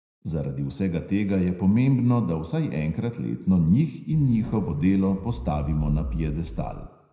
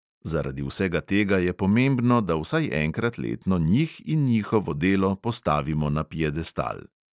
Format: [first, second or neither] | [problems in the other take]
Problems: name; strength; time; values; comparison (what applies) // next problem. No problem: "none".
second | background sound (Zipper (clothing)); 9 dB below the speech // room echo; dies away in 0.7 s